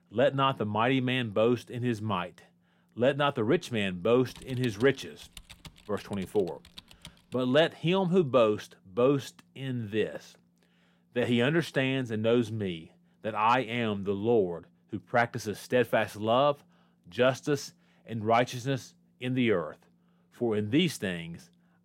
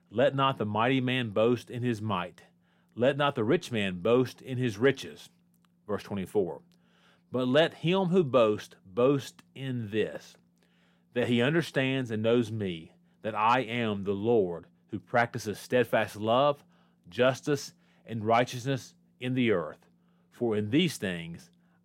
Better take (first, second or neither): second